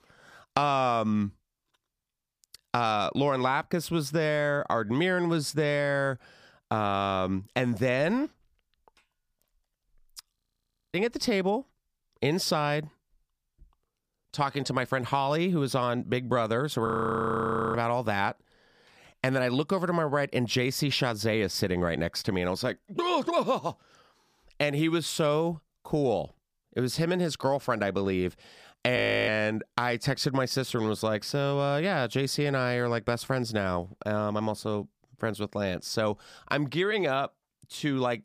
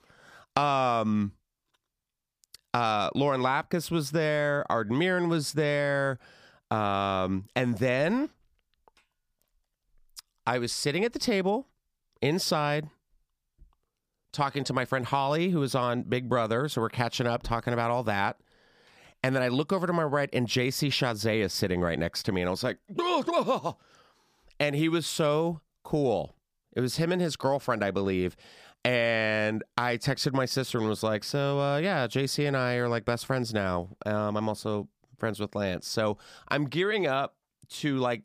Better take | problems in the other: second | audio freezing; at 10 s for 0.5 s, at 17 s for 1 s and at 29 s

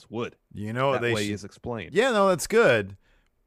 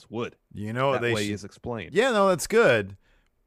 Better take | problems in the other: neither | none

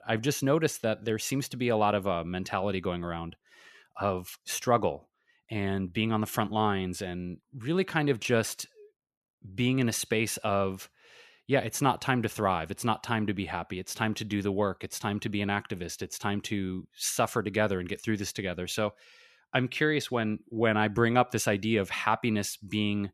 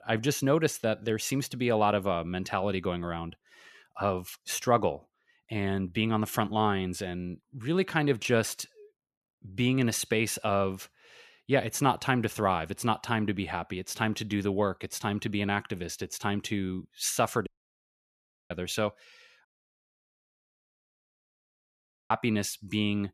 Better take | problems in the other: first | audio cutting out; at 17 s for 1 s and at 19 s for 2.5 s

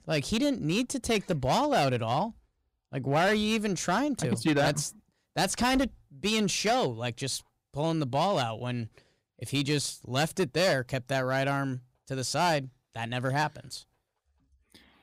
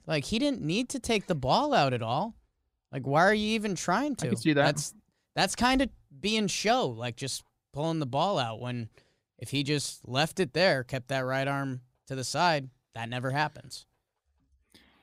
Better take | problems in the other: second | distortion; slight; 5% of the sound clipped

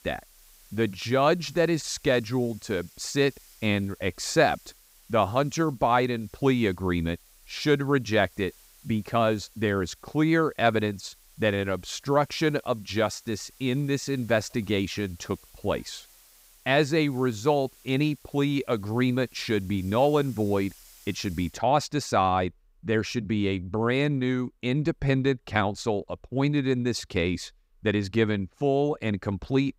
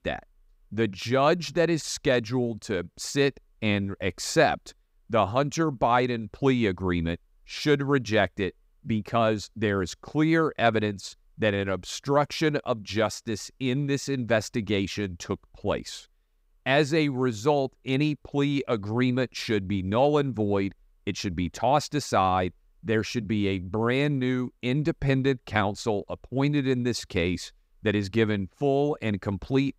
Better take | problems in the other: second | hiss; faint; until 22 s; 25 dB below the speech

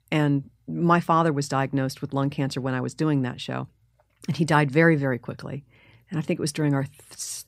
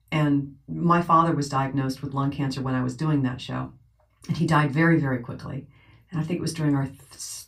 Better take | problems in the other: first | off-mic speech; far // room echo; very slight; dies away in 0.2 s

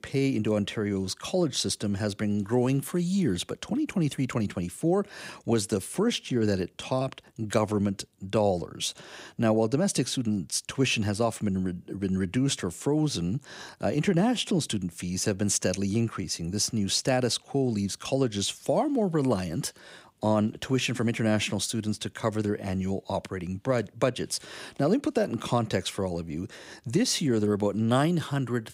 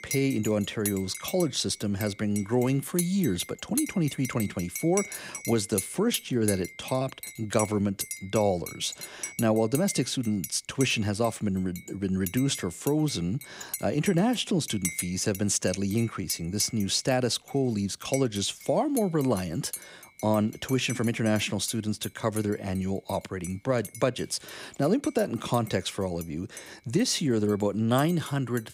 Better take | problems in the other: first | household noises; noticeable; throughout; 10 dB below the speech

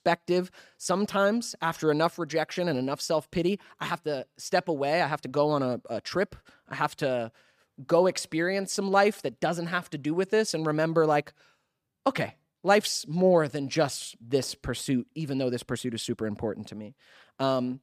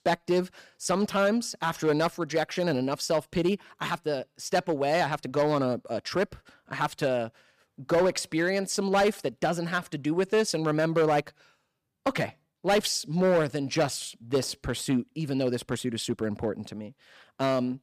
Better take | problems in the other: first | distortion; slight; 4% of the sound clipped

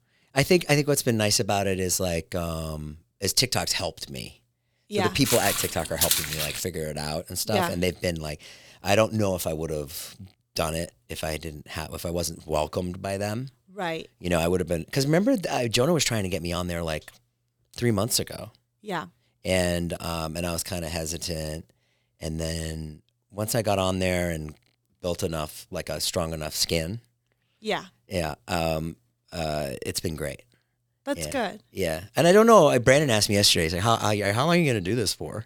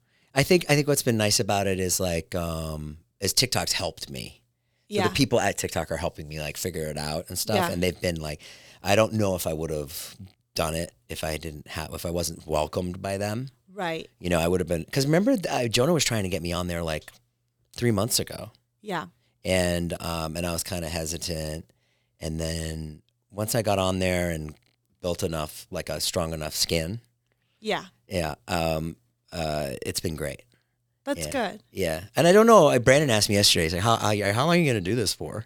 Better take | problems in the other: second | footsteps; loud; from 5.5 to 6.5 s; peak 3 dB above the speech

